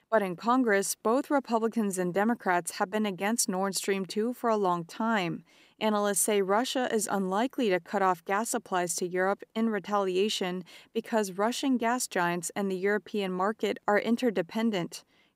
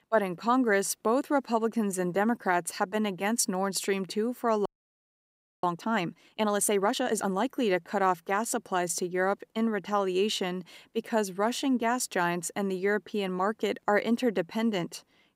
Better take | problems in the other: first | audio freezing; at 4.5 s for 1 s

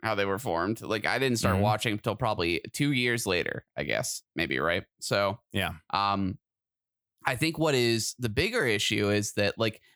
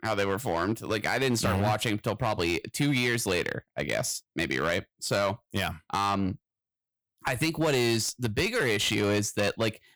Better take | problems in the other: first | distortion; slight; 10% of the sound clipped

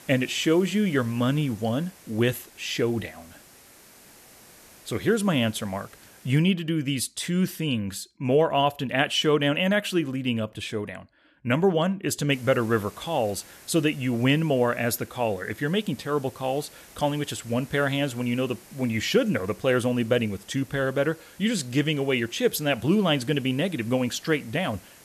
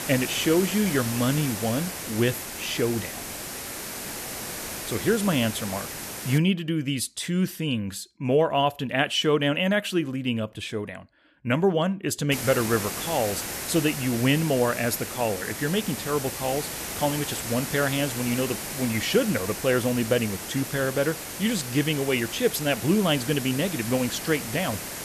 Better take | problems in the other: first | hiss; loud; until 6.5 s and from 12 s on; 7 dB below the speech; faint in the first

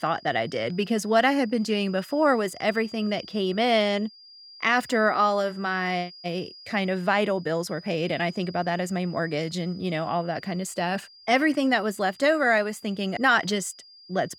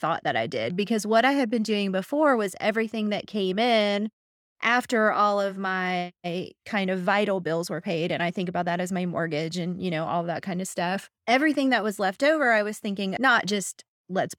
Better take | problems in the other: second | high-pitched whine; faint; throughout; 5 kHz, 20 dB below the speech

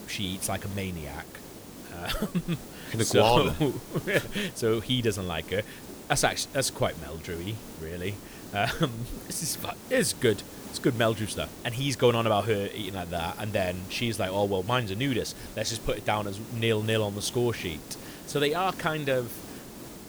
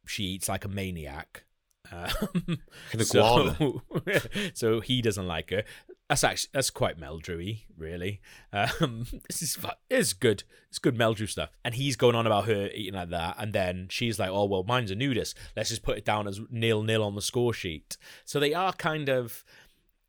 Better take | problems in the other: second | hiss; noticeable; throughout; 15 dB below the speech

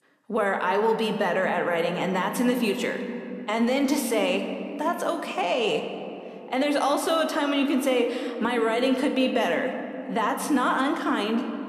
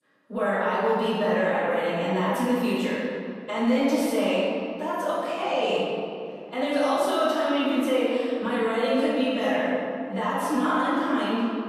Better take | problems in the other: first | room echo; strong; dies away in 2.4 s; slight in the first // off-mic speech; far

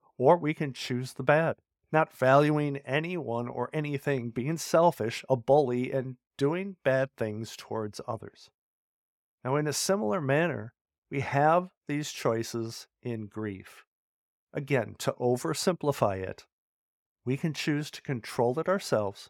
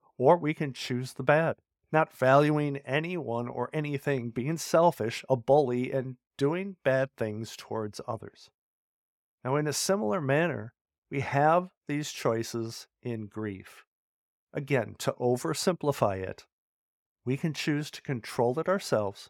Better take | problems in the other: neither | none

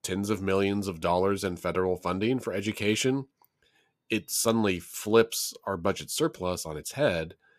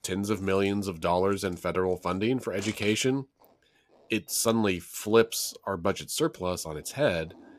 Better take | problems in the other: first | household noises; faint; throughout; 20 dB below the speech

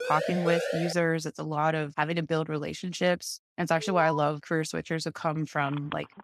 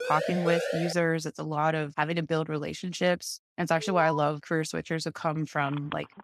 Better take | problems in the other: neither | siren; noticeable; at the start; peak 2 dB below the speech; the same in both // alarm; noticeable; at 4 s; peak 6 dB below the speech; the same in both // phone ringing; faint; at 5.5 s; peak 15 dB below the speech; the same in both

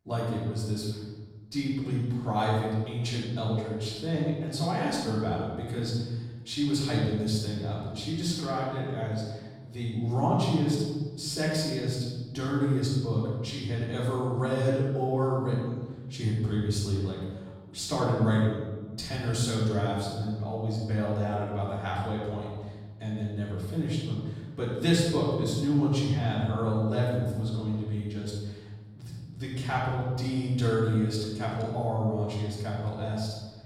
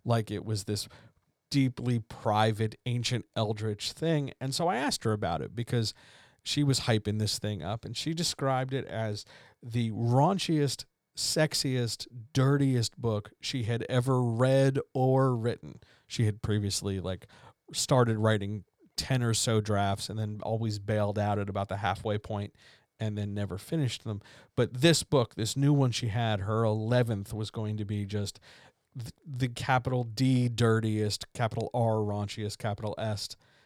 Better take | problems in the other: second | off-mic speech; far // room echo; strong; dies away in 1.4 s

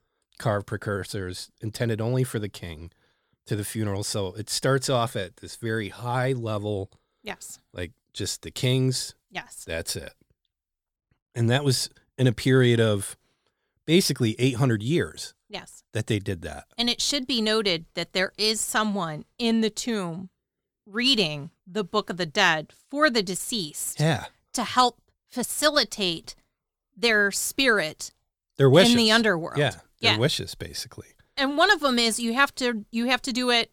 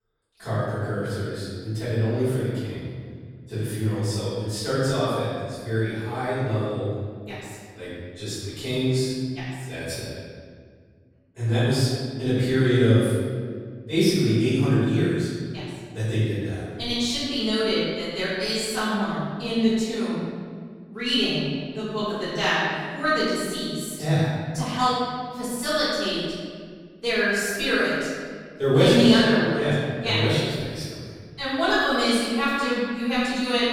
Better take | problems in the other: first | off-mic speech; far // room echo; strong; dies away in 1.9 s

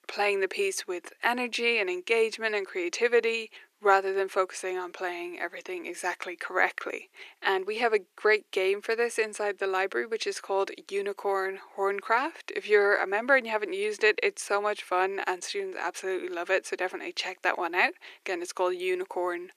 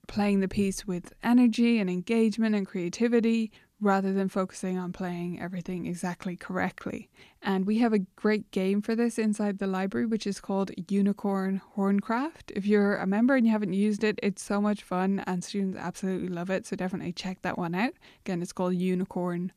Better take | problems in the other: second | thin; very; fading below 350 Hz

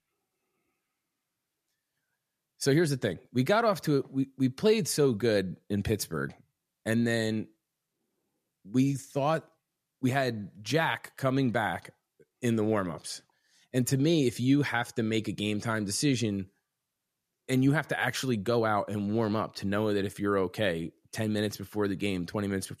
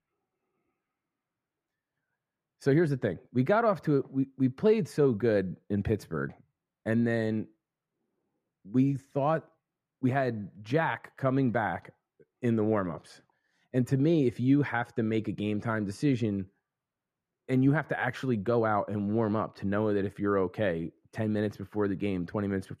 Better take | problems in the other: first | muffled; very; fading above 3 kHz

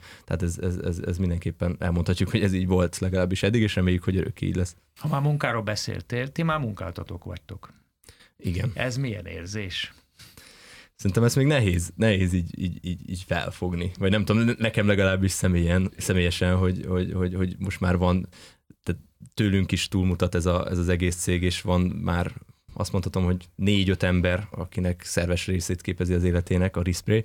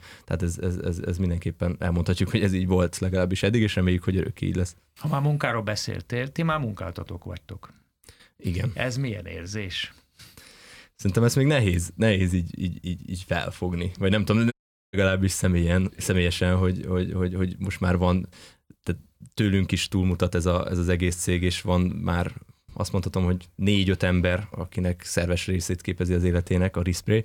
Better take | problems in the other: first | audio cutting out; at 15 s

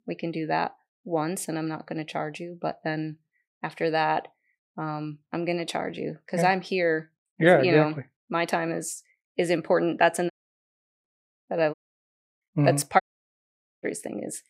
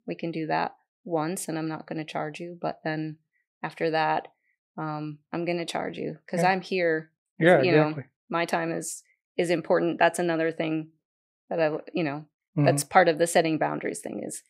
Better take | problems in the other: second | audio cutting out; at 10 s for 0.5 s, at 12 s for 0.5 s and at 13 s for 1 s

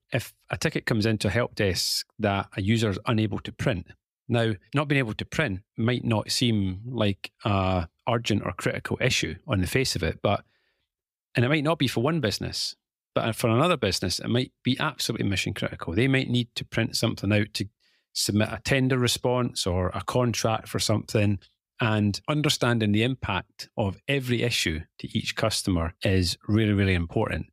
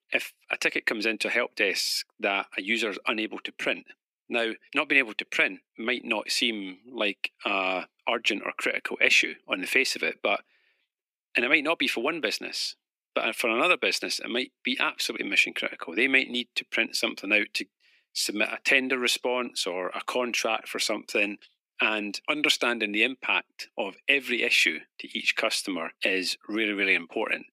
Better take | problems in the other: first | thin; somewhat; fading below 250 Hz

